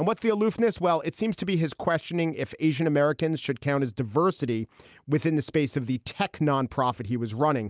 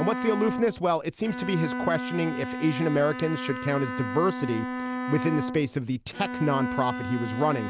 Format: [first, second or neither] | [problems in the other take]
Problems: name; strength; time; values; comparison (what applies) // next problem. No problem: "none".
first | background sound (Bowed string instrument); 6 dB below the speech